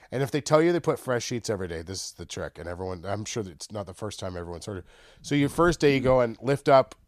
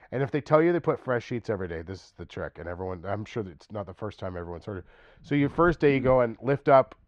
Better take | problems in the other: first | muffled; very; fading above 2 kHz

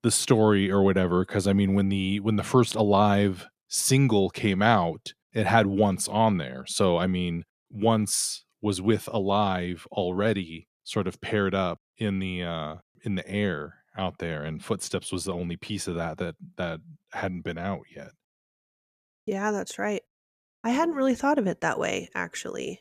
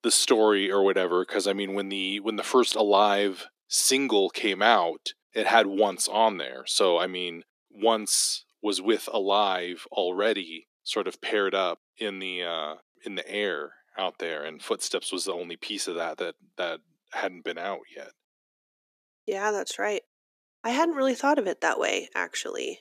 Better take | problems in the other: first | thin; somewhat; fading below 300 Hz

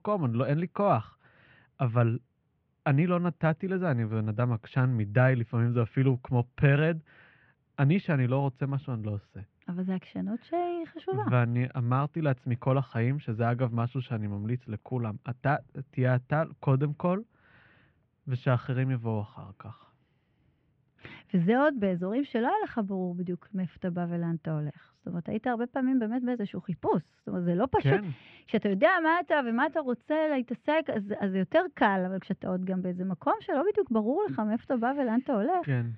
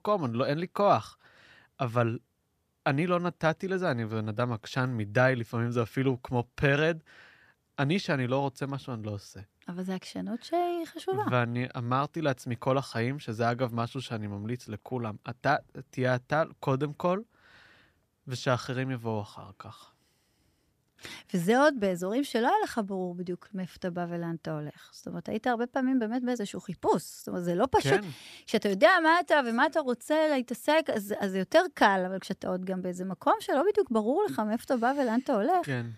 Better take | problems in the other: second | muffled; very; fading above 2.5 kHz

